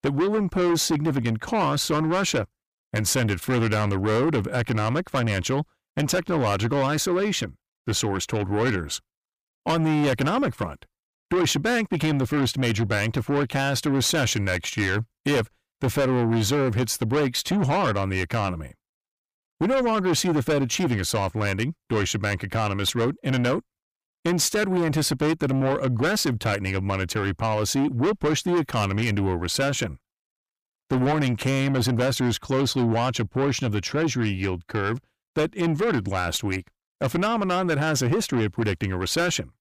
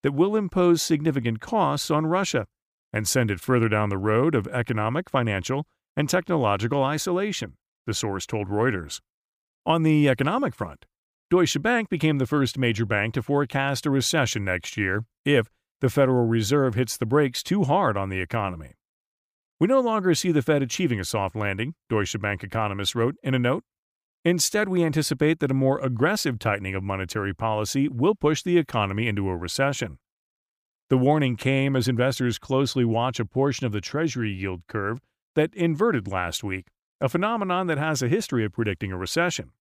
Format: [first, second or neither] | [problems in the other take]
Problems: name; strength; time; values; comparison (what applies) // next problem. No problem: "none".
second | distortion; heavy; 7 dB below the speech